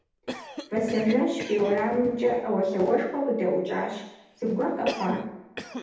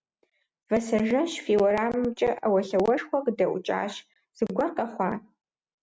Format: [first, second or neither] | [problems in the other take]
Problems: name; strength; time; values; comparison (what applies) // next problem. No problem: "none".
second | background sound (Cough); 13 dB below the speech // room echo; dies away in 0.8 s